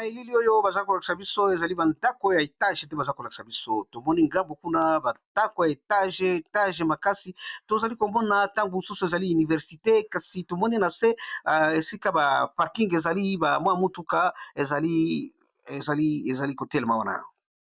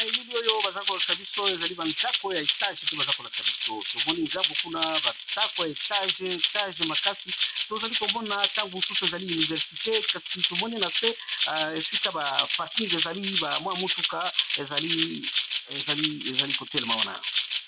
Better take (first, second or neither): first